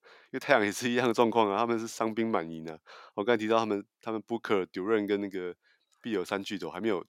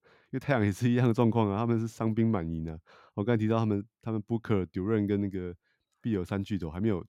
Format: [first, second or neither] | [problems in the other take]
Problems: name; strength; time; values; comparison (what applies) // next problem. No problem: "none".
second | thin; somewhat; fading below 450 Hz